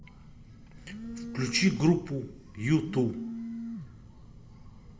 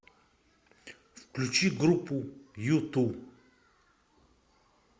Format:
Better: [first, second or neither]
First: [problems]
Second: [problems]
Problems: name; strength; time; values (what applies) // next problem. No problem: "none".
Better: second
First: background sound (Telephone); 10 dB below the speech // room echo; dies away in 0.5 s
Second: none